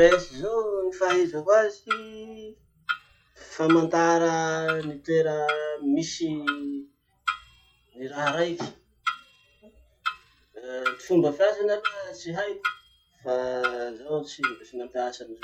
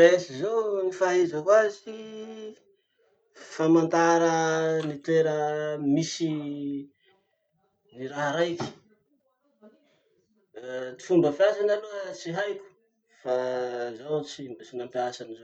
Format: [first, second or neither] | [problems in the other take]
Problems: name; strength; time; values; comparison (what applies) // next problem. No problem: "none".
second | noise reduction (classical method log-MMSE)